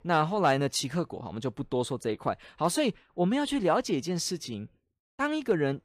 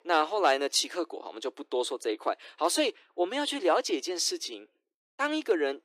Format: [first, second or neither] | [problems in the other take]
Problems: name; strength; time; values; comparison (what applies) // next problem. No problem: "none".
first | thin; somewhat; fading below 300 Hz